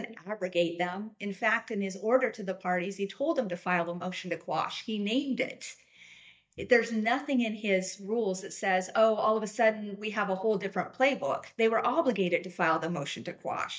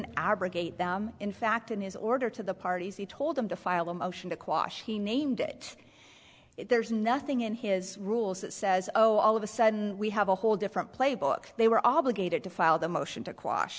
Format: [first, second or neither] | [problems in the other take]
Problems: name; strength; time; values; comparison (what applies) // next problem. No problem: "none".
second | noise reduction (neural mask model DeepFilterNet 3)